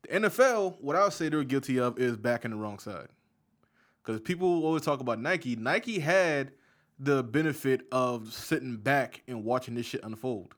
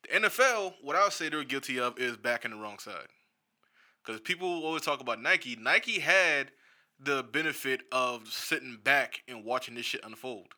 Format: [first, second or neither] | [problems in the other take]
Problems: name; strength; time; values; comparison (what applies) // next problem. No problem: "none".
first | thin; somewhat; fading below 1 kHz